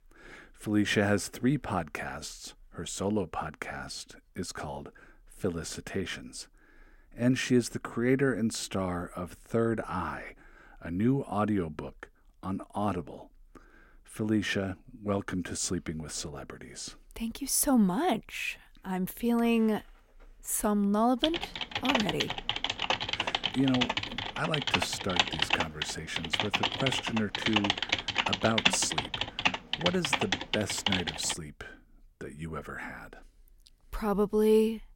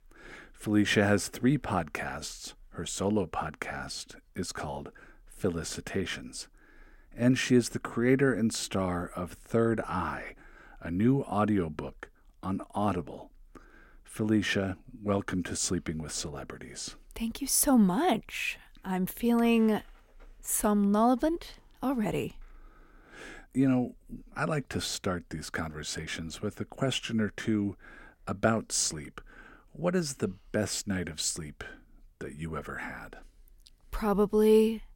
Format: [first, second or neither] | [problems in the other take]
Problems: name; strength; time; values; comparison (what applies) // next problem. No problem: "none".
second | keyboard typing; loud; from 21 to 31 s; peak 5 dB above the speech